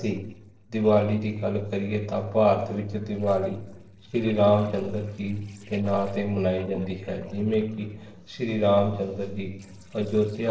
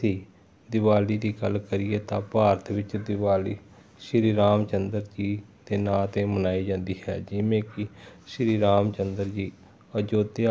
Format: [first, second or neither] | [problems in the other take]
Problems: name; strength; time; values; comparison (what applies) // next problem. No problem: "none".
second | noise reduction (neural separator model SepFormer DNS4)